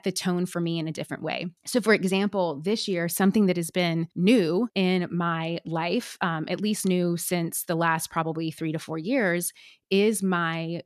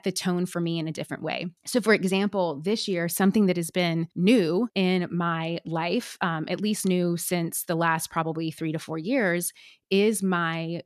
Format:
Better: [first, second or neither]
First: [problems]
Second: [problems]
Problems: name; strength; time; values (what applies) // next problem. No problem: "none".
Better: neither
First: none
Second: none